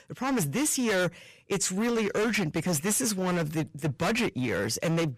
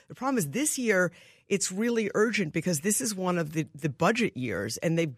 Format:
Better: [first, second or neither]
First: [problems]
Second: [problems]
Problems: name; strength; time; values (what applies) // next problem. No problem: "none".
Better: second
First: distortion; heavy; 23% of the sound clipped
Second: none